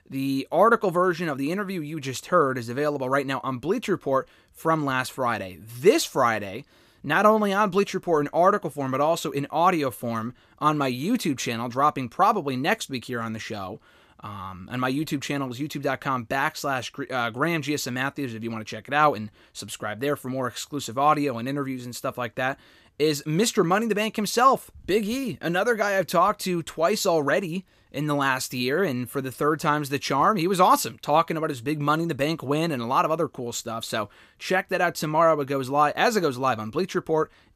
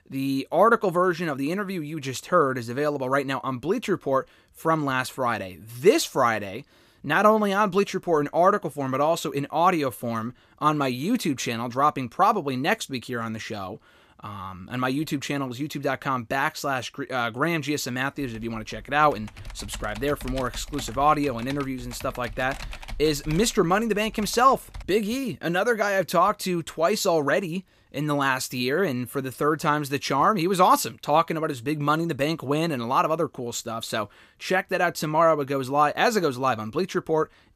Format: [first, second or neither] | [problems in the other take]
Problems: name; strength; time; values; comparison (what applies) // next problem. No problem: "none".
first | keyboard typing; faint; from 18 to 25 s; peak 15 dB below the speech